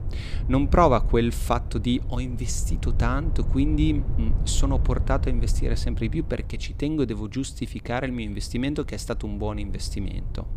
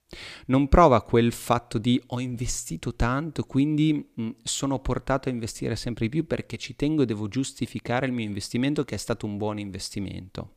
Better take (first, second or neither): second